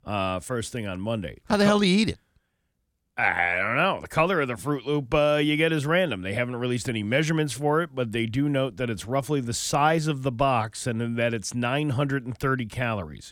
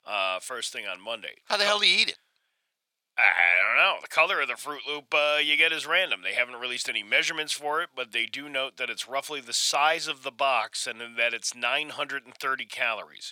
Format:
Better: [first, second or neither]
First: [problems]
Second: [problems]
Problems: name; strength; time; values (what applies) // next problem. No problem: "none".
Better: first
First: none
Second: thin; very; fading below 750 Hz